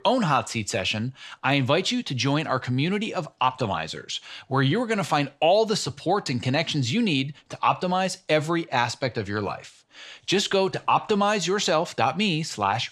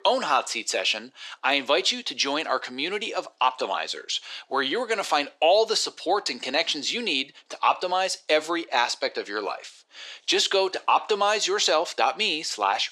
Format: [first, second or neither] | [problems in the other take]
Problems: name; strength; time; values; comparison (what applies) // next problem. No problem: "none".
first | thin; somewhat; fading below 350 Hz